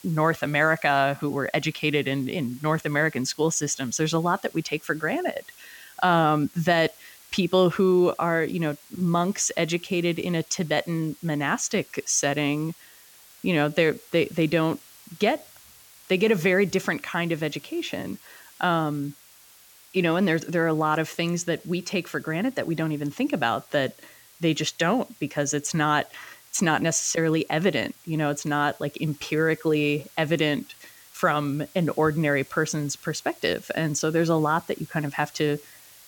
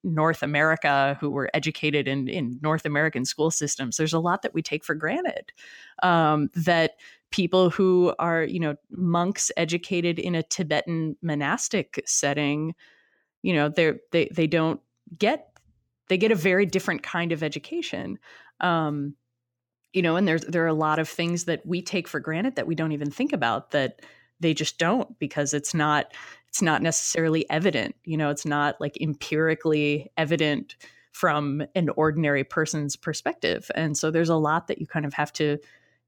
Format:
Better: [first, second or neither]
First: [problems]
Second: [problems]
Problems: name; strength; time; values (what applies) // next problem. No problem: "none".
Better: second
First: hiss; faint; throughout; 25 dB below the speech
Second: none